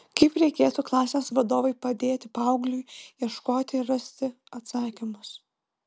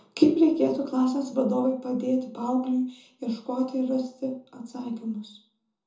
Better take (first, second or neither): first